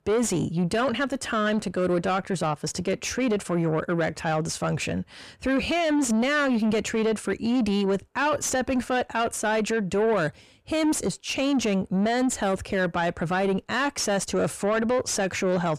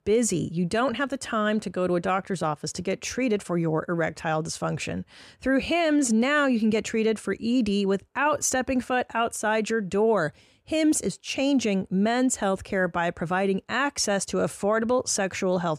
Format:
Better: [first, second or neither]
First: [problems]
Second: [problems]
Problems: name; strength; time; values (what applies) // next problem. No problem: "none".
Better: second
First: distortion; slight; 10 dB below the speech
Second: none